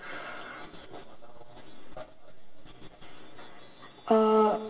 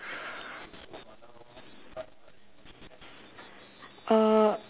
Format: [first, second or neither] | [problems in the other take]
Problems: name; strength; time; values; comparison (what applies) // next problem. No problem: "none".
second | room echo; dies away in 1.6 s